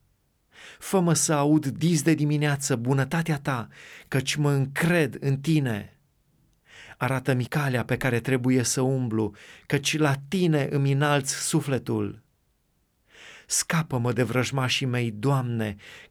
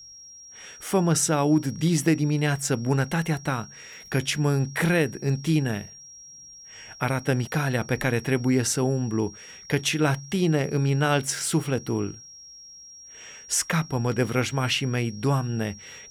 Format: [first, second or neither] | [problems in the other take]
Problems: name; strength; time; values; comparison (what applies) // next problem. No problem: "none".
first | high-pitched whine; noticeable; throughout; 5.5 kHz, 20 dB below the speech